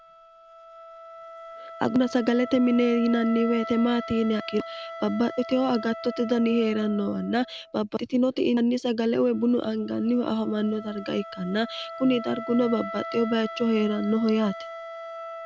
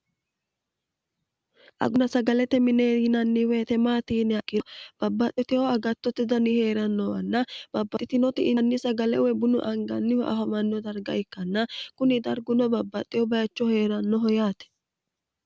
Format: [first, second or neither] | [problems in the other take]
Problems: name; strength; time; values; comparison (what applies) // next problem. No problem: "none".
second | background sound (Wind instrument, woodwind instrument); 13 dB below the speech